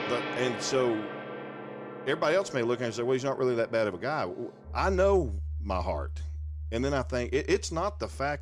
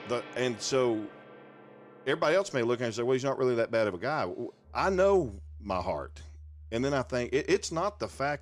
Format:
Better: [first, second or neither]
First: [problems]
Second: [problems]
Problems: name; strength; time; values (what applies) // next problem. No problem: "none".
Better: second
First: background music; loud; throughout; 9 dB below the speech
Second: background music; faint; throughout; 20 dB below the speech